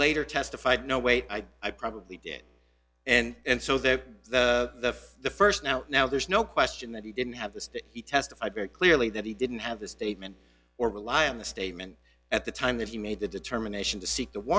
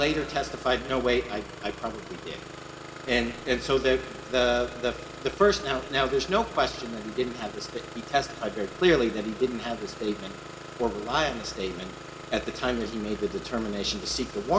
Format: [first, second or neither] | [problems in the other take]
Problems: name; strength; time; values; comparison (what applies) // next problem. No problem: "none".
first | background sound (Engine starting); 13 dB below the speech // room echo; dies away in 1.4 s